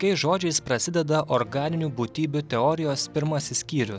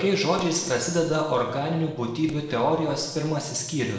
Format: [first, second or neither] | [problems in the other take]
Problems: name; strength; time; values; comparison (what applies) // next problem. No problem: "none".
first | noise reduction (neural separator model SepFormer DNS4)